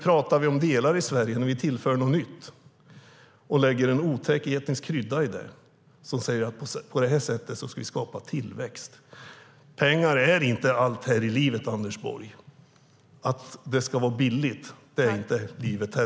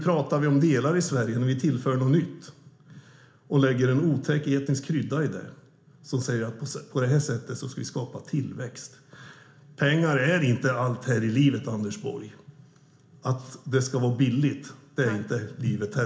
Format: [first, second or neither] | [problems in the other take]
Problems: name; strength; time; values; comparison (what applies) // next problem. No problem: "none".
first | room echo; dies away in 0.4 s